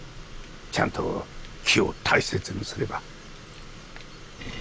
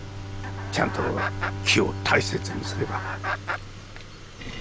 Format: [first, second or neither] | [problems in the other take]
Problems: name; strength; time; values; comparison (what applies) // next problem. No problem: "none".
first | background sound (Bowed string instrument + Chicken, rooster); 3 dB below the speech